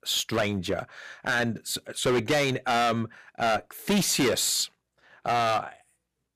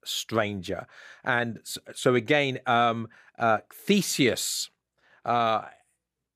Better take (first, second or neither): second